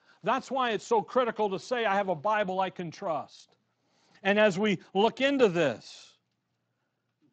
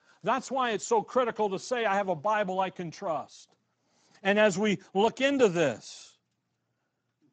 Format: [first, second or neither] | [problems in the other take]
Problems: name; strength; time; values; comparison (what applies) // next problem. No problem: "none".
first | garbled, watery; badly; nothing above 7.5 kHz; slightly in the first